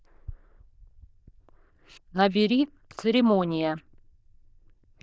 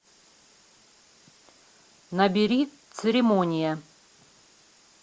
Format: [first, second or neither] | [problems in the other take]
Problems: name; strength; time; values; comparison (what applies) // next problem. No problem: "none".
second | noise reduction (neural diffusion model UNIVERSE++)